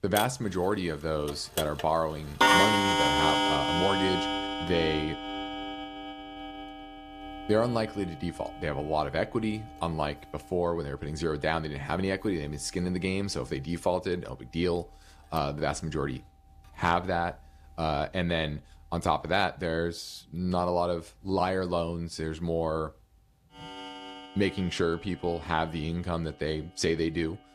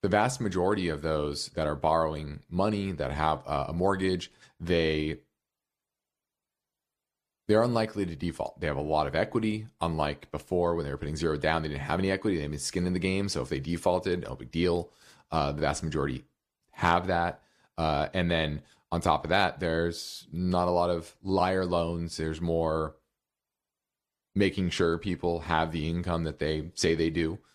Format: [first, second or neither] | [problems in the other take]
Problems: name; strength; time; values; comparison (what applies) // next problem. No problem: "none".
second | household noises; very loud; throughout; 1 dB above the speech